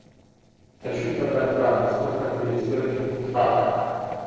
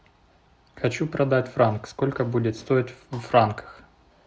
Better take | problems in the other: second | noise reduction (neural separator model SepFormer DNS4)

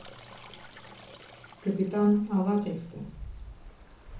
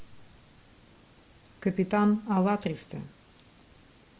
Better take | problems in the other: second | background sound (Stream); 16 dB below the speech // room echo; dies away in 0.7 s

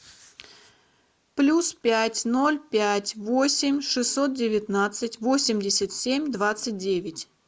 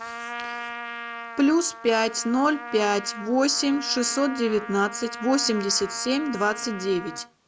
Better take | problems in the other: first | background sound (Trumpet); 12 dB below the speech

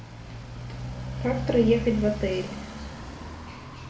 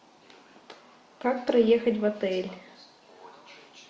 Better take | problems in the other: second | background sound (Motorcycle); 6 dB below the speech // room echo; dies away in 0.4 s

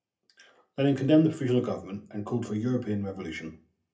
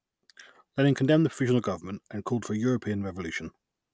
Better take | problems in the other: second | room echo; dies away in 0.3 s

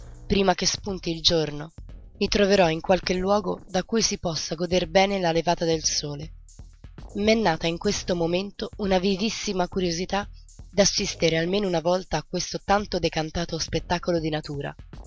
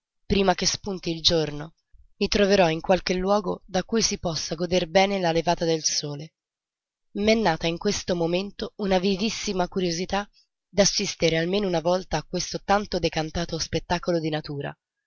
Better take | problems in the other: second | background sound (Drum kit); 20 dB below the speech

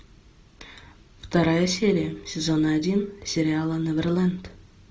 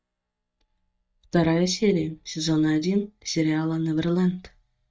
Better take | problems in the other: first | noise reduction (neural mask model DeepFilterNet 3)

